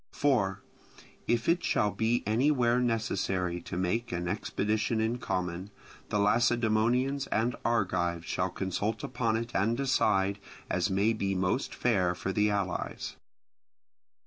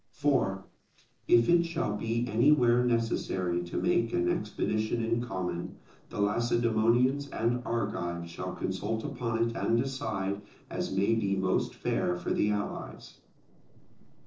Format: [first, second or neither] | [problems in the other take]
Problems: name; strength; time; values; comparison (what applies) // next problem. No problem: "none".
first | noise reduction (neural separator model SepFormer DNS4)